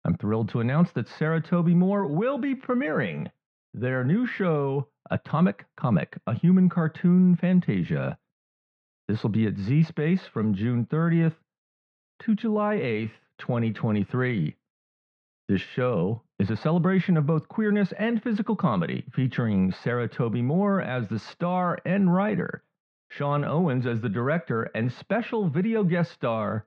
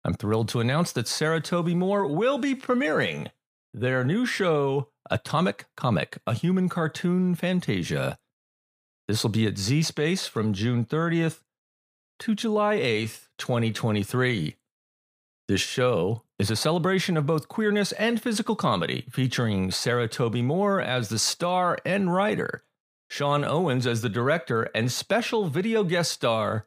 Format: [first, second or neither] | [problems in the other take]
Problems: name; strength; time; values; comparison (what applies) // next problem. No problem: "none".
second | muffled; very; fading above 2.5 kHz